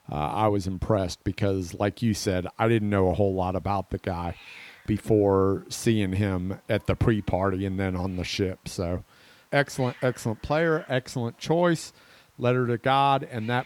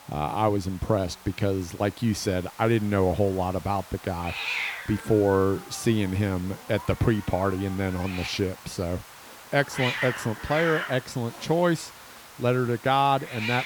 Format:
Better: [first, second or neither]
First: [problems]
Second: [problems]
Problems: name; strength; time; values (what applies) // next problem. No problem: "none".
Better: first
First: hiss; faint; throughout; 25 dB below the speech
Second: hiss; loud; throughout; 10 dB below the speech